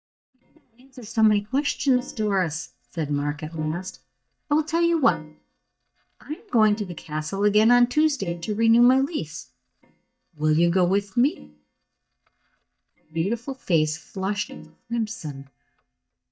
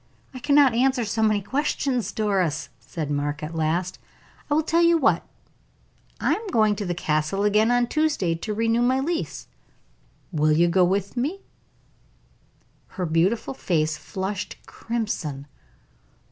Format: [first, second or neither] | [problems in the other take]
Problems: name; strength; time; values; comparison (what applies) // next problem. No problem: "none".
second | noise reduction (neural mask model DeepFilterNet 3)